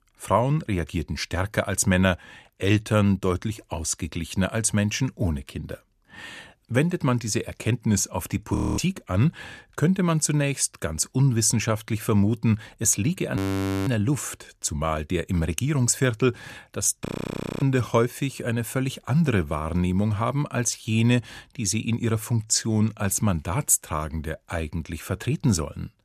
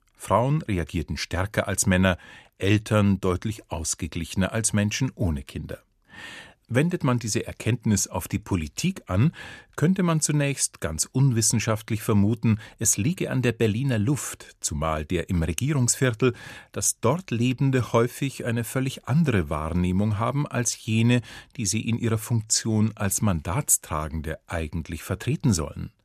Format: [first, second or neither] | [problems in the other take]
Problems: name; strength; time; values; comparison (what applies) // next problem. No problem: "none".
second | audio freezing; at 8.5 s, at 13 s for 0.5 s and at 17 s for 0.5 s